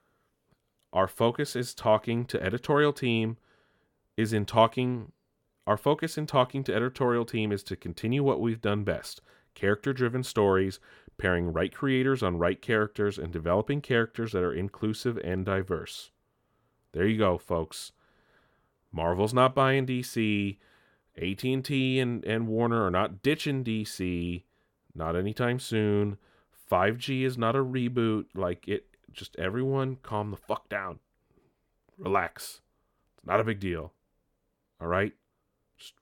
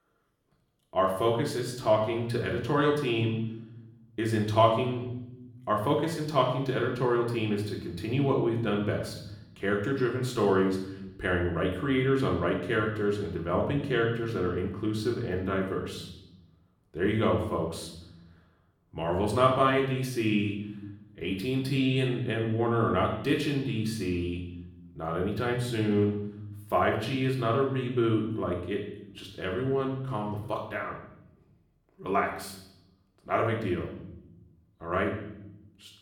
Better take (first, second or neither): first